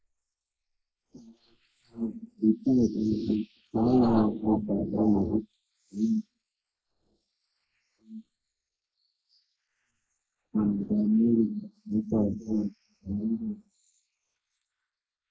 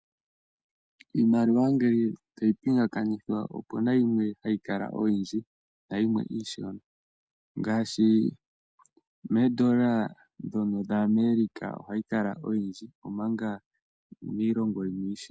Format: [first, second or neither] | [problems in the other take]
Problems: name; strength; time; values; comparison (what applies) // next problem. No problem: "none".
second | noise reduction (neural mask model Resemble Enhance denoiser)